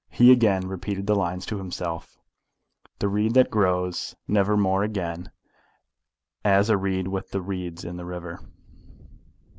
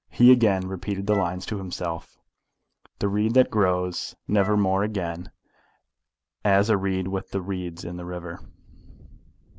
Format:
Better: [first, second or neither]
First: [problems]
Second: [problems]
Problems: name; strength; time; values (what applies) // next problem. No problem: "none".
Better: first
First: none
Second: background sound (Wind instrument, woodwind instrument); 17 dB below the speech